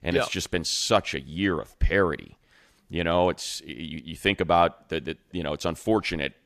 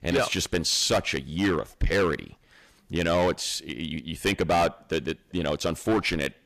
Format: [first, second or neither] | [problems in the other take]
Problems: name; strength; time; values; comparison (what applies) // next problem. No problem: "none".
first | distortion; heavy; 8% of the sound clipped